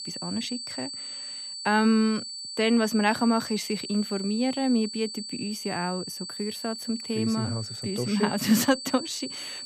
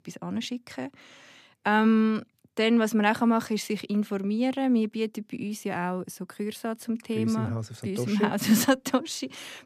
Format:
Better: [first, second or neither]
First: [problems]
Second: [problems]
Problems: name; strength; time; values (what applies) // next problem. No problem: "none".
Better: second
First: high-pitched whine; loud; throughout; 4.5 kHz, 8 dB below the speech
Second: none